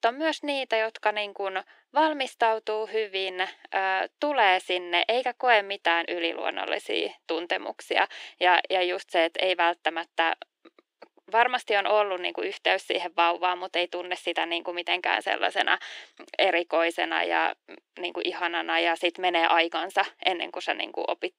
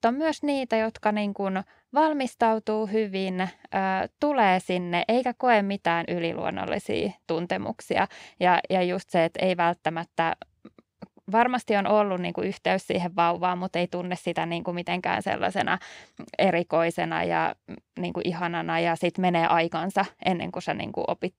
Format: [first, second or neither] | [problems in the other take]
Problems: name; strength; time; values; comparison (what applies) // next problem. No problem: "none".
second | thin; very; fading below 350 Hz